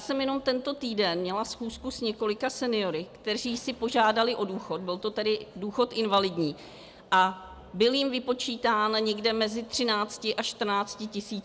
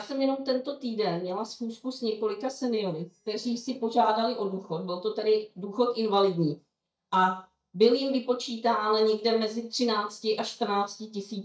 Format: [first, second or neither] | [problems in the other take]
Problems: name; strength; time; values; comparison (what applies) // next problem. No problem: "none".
first | noise reduction (neural mask model DeepFilterNet 3)